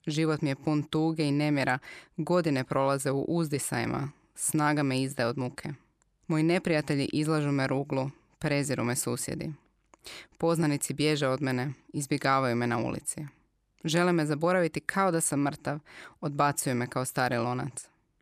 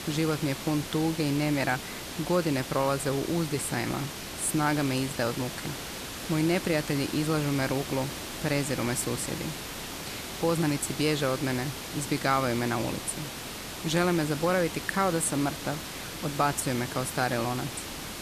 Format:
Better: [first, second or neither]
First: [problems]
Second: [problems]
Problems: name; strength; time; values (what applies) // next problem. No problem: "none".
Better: first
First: none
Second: hiss; loud; throughout; 7 dB below the speech